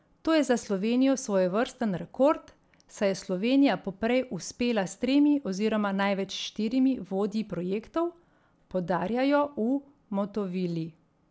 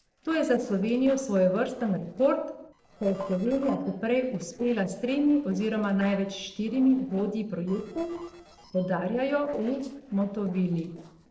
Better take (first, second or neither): first